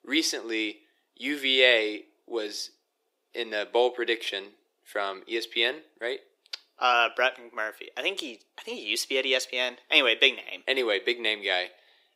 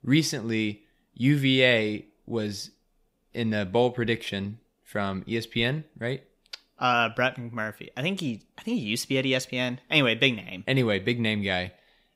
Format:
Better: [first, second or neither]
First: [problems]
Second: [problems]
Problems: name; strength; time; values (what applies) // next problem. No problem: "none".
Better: second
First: thin; very; fading below 350 Hz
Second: none